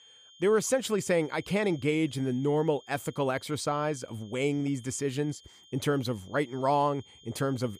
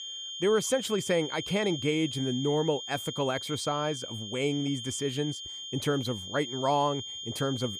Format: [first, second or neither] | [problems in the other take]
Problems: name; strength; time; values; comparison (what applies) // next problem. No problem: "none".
first | high-pitched whine; loud; throughout; 3 kHz, 7 dB below the speech; faint in the first